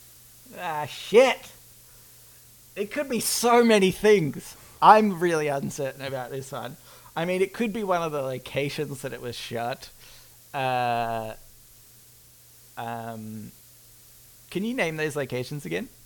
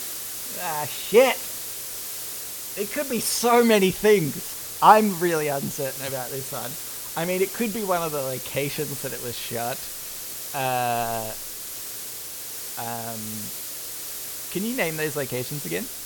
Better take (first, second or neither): first